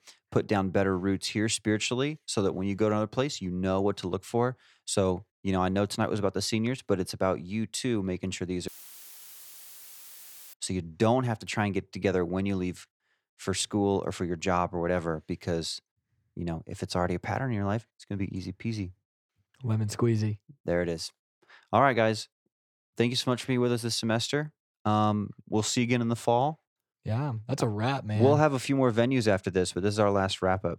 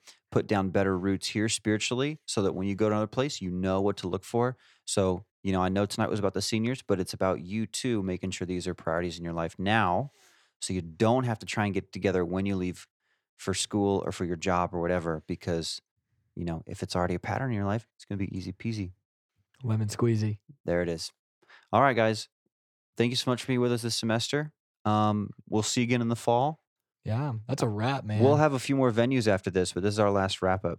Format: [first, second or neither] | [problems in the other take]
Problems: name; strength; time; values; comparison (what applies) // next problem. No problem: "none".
second | audio cutting out; filled with static; at 8.5 s for 2 s